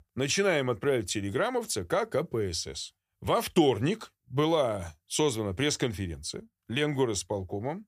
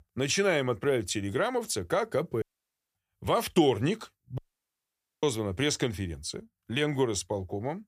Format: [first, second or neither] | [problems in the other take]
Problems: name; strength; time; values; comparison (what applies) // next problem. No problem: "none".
first | audio cutting out; at 2.5 s for 0.5 s and at 4.5 s for 1 s